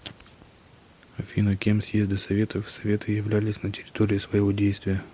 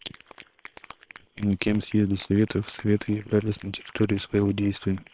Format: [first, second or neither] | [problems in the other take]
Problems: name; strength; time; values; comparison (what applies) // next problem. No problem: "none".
first | noise reduction (neural separator model SepFormer WHAM!)